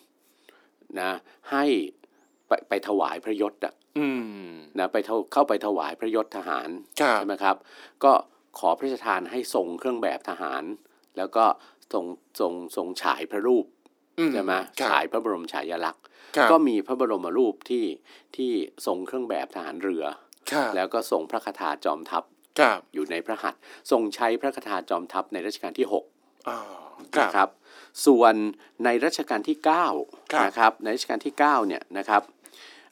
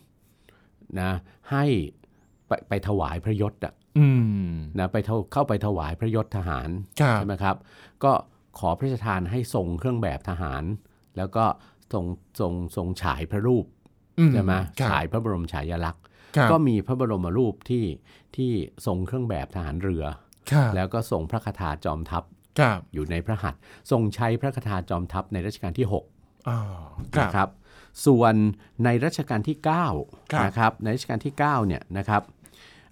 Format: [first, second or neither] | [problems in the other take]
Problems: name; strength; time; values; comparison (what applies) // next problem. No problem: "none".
second | thin; somewhat; fading below 300 Hz